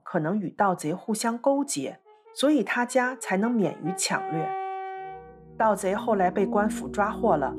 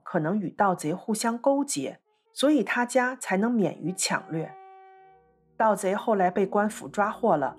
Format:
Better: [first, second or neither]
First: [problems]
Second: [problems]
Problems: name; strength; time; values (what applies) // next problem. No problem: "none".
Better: second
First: background music; loud; throughout; 10 dB below the speech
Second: background music; faint; throughout; 25 dB below the speech